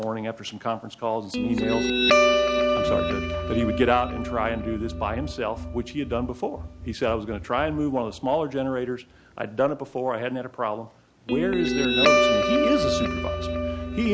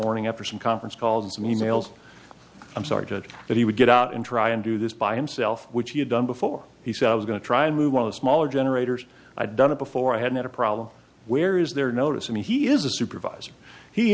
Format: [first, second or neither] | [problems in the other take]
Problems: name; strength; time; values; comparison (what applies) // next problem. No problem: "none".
second | background sound (Guitar); 1 dB above the speech